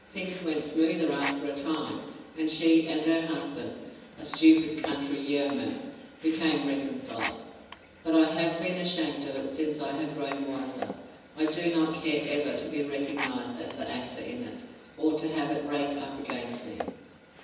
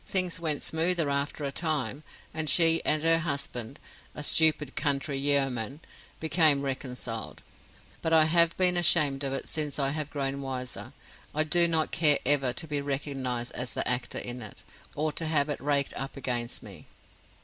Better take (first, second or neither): second